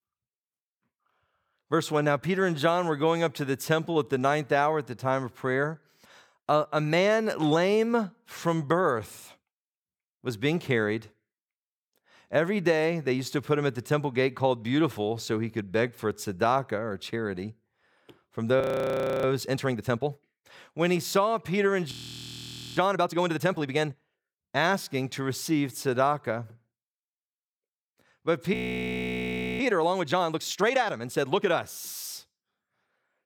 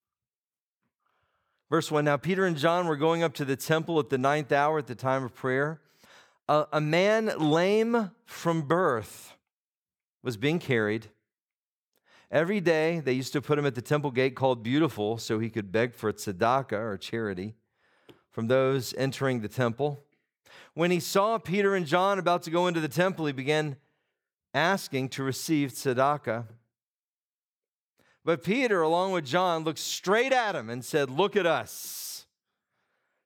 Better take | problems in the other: second | audio freezing; at 19 s for 0.5 s, at 22 s for 1 s and at 29 s for 1 s

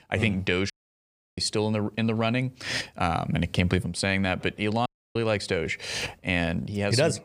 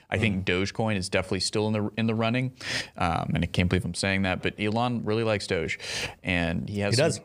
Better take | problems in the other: second | audio cutting out; at 0.5 s for 0.5 s and at 5 s

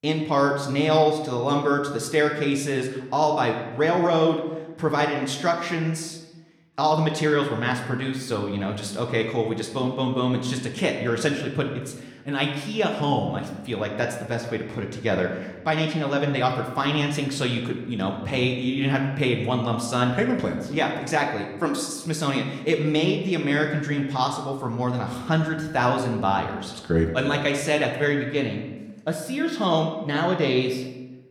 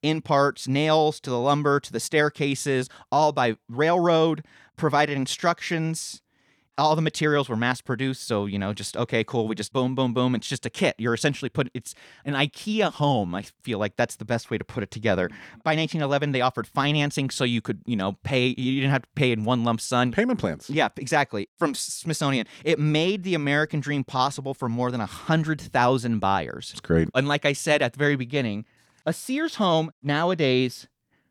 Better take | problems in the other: second | room echo; slight; dies away in 0.9 s

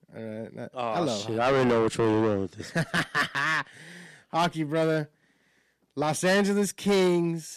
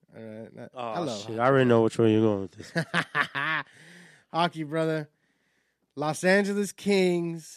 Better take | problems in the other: second | distortion; heavy; 6 dB below the speech

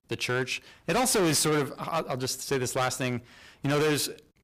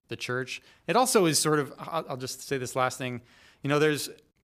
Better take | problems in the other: second | distortion; heavy; 14% of the sound clipped

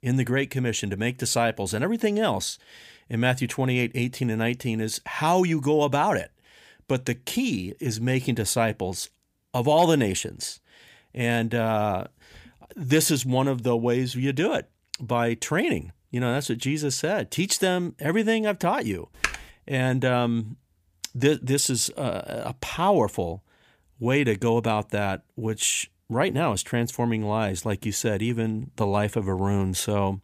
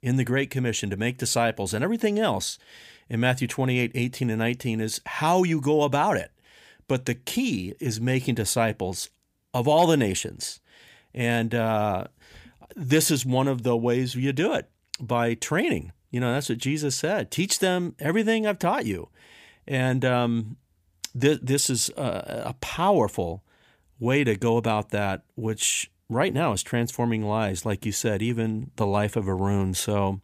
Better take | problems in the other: second | keyboard typing; noticeable; at 19 s; peak 4 dB below the speech

